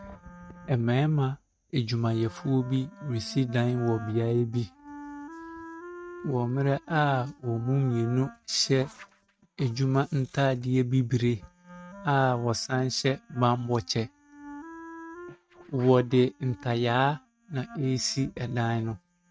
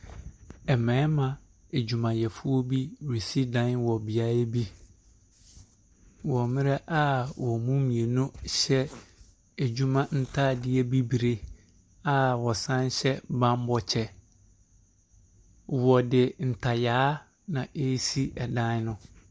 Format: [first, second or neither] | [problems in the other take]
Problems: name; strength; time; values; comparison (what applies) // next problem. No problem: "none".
second | noise reduction (neural mask model RNNoise)